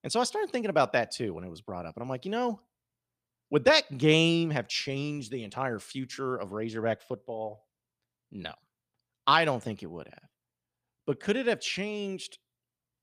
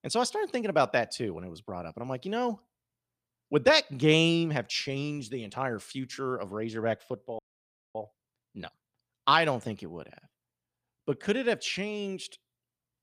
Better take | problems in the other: first | audio freezing; at 7.5 s for 0.5 s

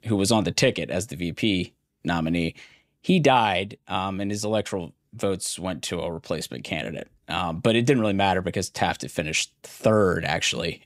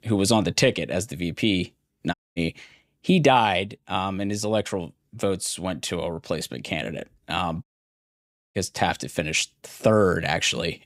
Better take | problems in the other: first | audio cutting out; at 2 s and at 7.5 s for 1 s

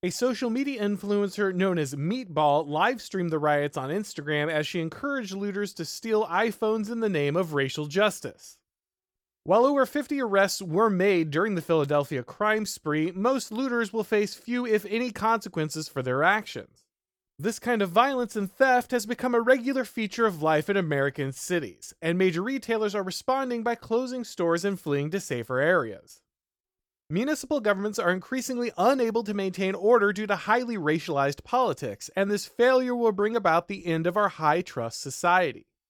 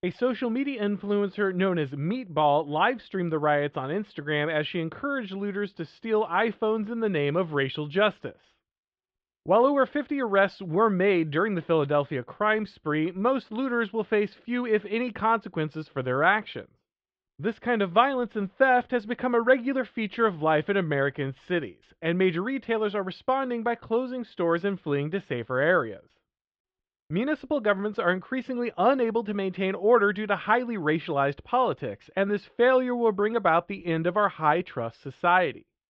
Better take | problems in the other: first | muffled; very; fading above 3.5 kHz

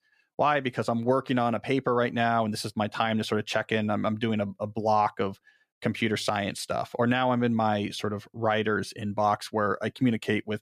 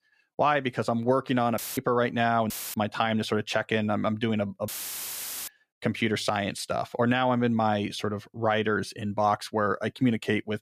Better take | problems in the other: first | audio cutting out; filled with static; at 1.5 s, at 2.5 s and at 4.5 s for 1 s

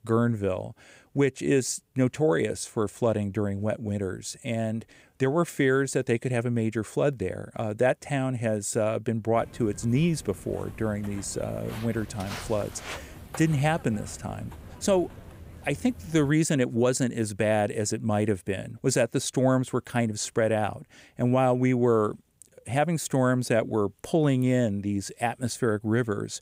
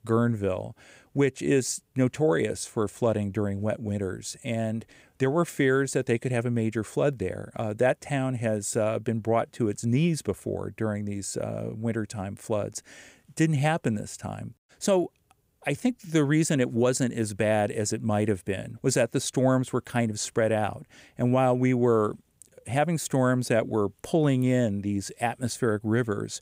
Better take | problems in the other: second | footsteps; faint; from 9.5 to 16 s; peak 10 dB below the speech

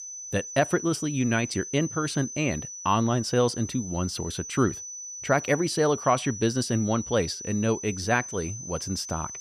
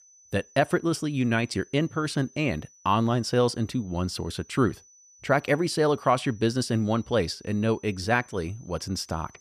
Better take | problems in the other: second | high-pitched whine; loud; throughout; 6 kHz, 9 dB below the speech; faint in the second

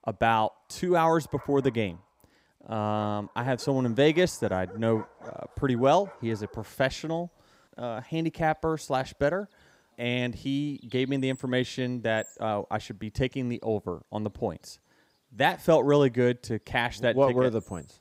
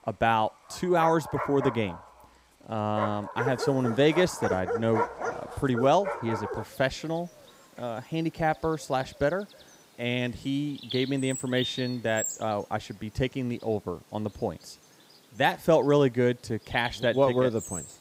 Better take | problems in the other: first | animal sounds; loud; throughout; 7 dB below the speech; faint in the first

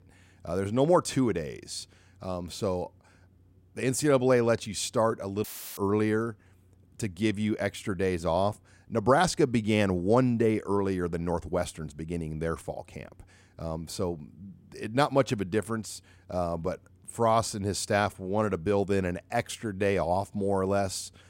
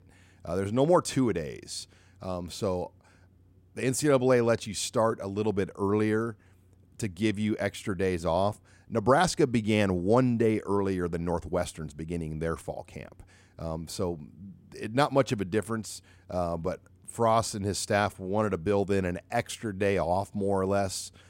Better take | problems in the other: second | audio cutting out; filled with static; at 5.5 s

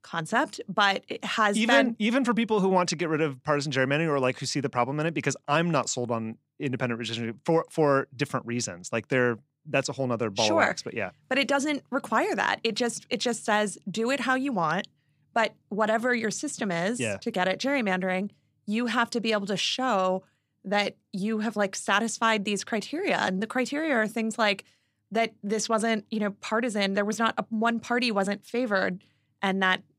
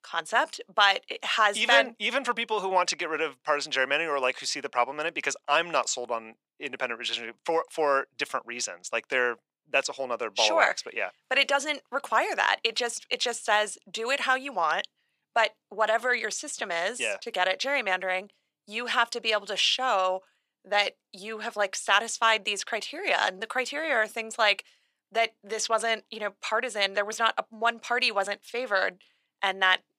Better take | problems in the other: first | thin; very; fading below 650 Hz

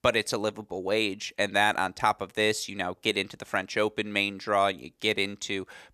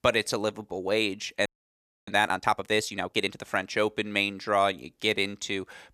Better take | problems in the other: first | audio freezing; at 1.5 s for 0.5 s

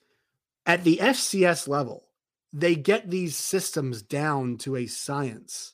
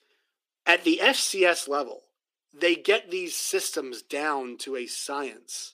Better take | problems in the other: first | thin; somewhat; fading below 300 Hz

